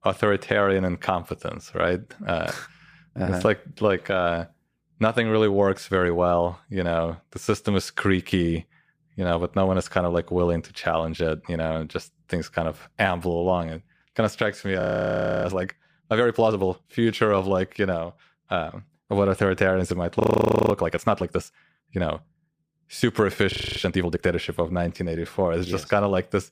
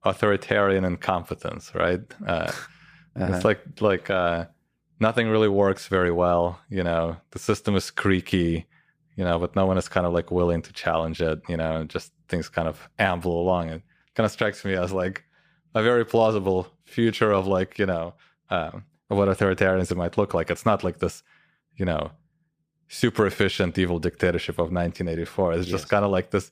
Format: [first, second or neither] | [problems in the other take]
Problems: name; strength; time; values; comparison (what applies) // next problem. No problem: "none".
second | audio freezing; at 15 s for 0.5 s, at 20 s for 0.5 s and at 24 s